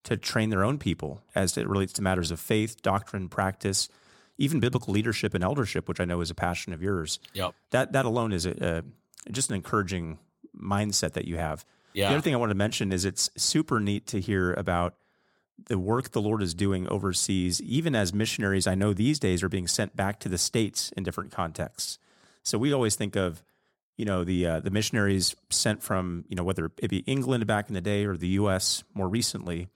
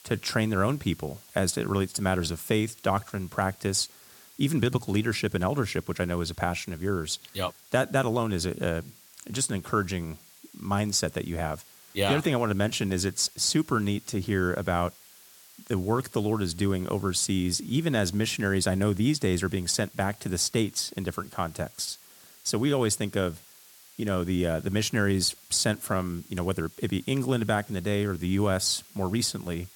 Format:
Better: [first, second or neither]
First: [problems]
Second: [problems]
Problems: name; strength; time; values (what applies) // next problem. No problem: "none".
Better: first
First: none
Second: hiss; faint; throughout; 25 dB below the speech